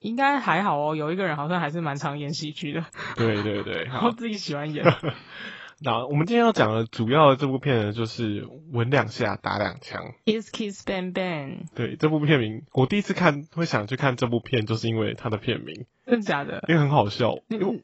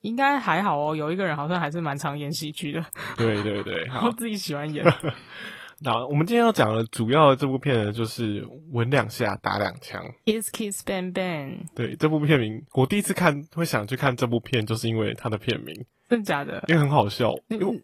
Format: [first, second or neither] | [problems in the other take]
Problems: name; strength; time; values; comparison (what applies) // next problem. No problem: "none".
second | garbled, watery; badly; nothing above 8 kHz; slightly in the second